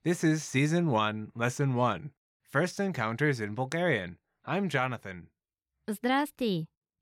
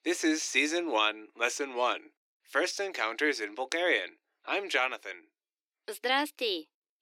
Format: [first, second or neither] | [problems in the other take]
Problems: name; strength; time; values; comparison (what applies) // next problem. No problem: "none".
first | thin; somewhat; fading below 300 Hz